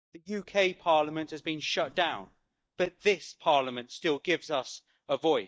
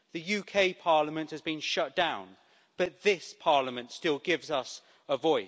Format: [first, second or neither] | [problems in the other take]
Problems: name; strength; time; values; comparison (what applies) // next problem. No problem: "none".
second | noise reduction (neural mask model DeepFilterNet 3)